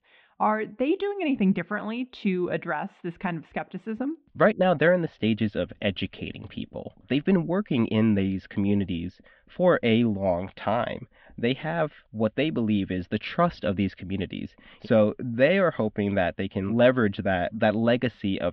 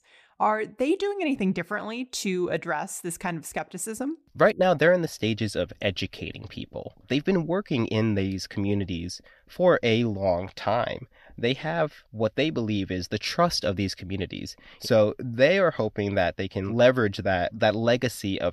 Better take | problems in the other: second | muffled; very; fading above 3.5 kHz

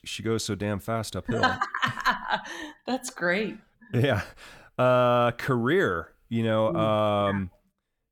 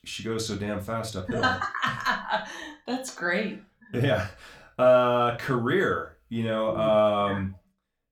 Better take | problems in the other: first | room echo; slight; dies away in 0.3 s // off-mic speech; somewhat distant

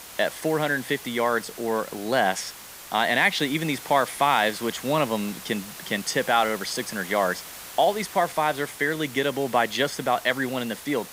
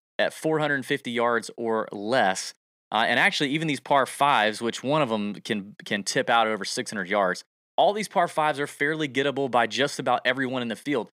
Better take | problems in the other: second | hiss; noticeable; throughout; 15 dB below the speech

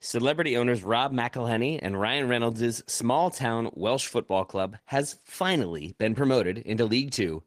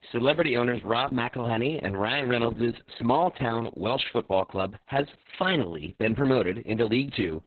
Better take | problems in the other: first | garbled, watery; badly; nothing above 4 kHz; slightly in the first

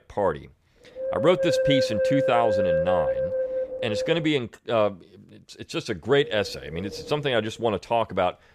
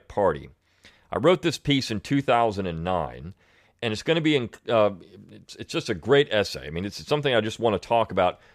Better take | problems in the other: second | wind noise on the microphone; heavy; until 4.5 s and from 6 s on; 1 dB above the speech

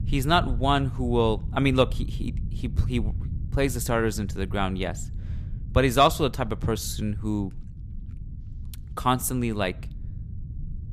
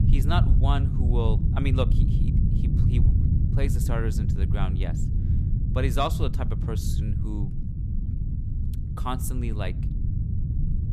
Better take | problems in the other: first | low rumble; loud; throughout; 6 dB below the speech; faint in the first

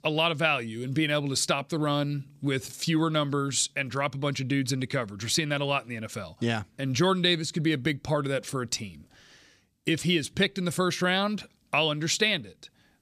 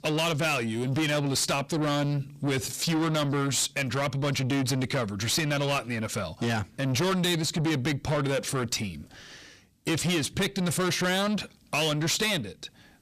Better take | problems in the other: first | distortion; heavy; 6 dB below the speech

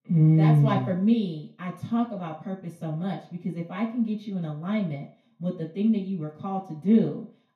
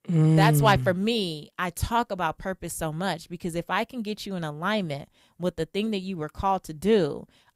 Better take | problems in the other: second | room echo; slight; dies away in 0.4 s // off-mic speech; far

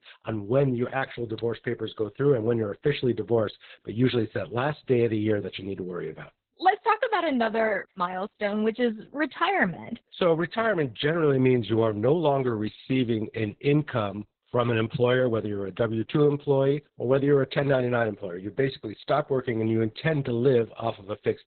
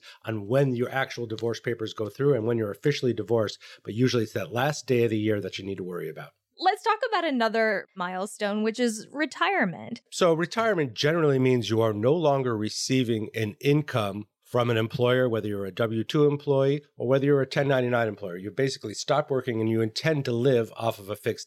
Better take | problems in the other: second | garbled, watery; badly; nothing above 4 kHz

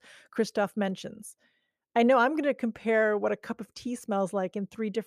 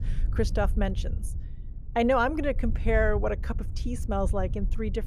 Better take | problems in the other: first | wind noise on the microphone; occasional gusts; 20 dB below the speech

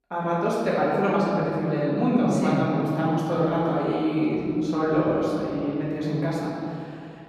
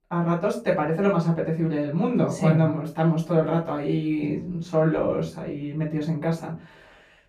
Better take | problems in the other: second | room echo; strong; dies away in 2.4 s; slight in the second // off-mic speech; far; far in the second

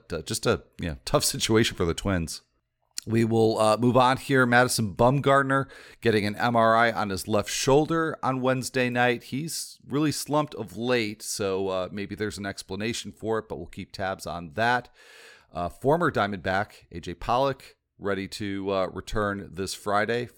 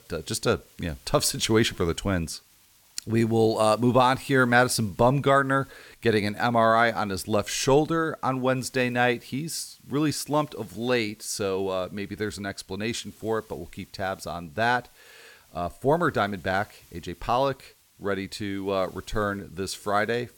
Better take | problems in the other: first | hiss; faint; throughout; 30 dB below the speech

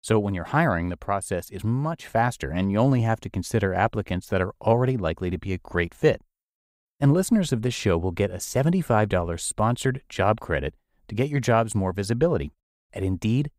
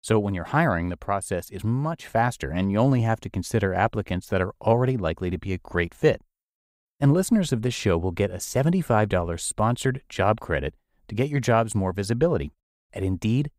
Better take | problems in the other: neither | none

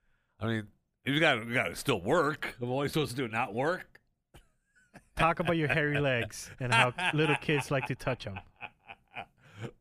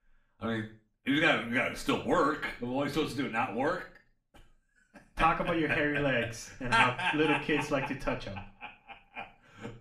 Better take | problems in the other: first | room echo; slight; dies away in 0.4 s // off-mic speech; far

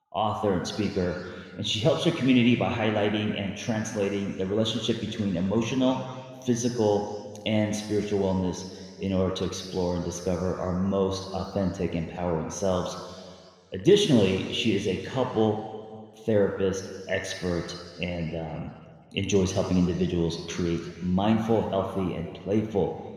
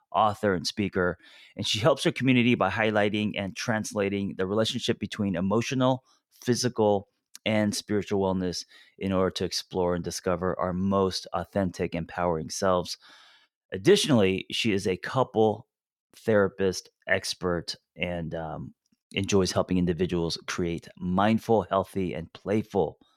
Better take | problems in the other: second | room echo; noticeable; dies away in 1.9 s // off-mic speech; somewhat distant

